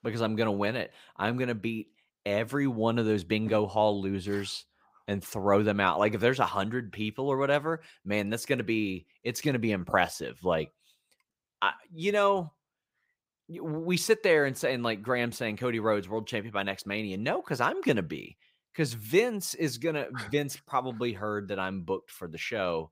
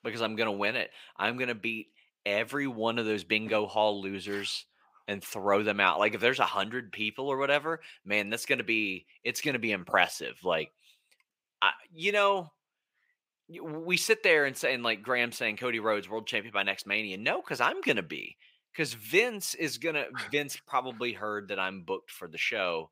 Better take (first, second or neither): first